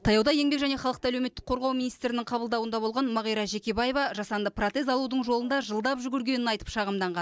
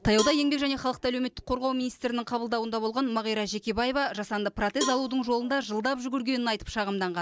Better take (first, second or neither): first